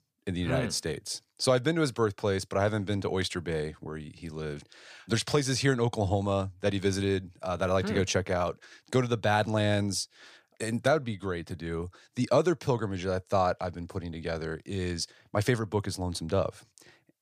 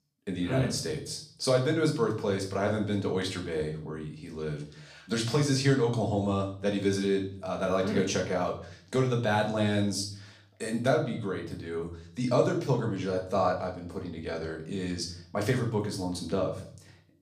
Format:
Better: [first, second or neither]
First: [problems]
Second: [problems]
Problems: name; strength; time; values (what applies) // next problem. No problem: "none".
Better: first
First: none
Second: room echo; slight; dies away in 0.5 s // off-mic speech; somewhat distant